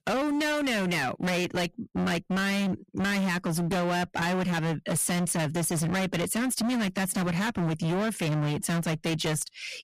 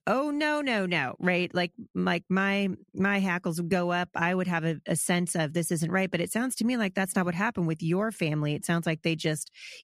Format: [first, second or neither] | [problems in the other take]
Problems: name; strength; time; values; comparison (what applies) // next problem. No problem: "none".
second | distortion; heavy; 38% of the sound clipped